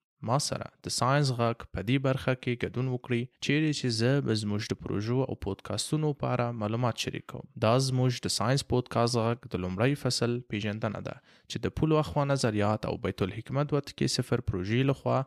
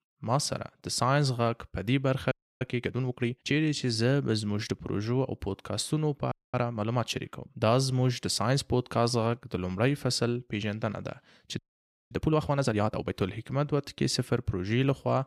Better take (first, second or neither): first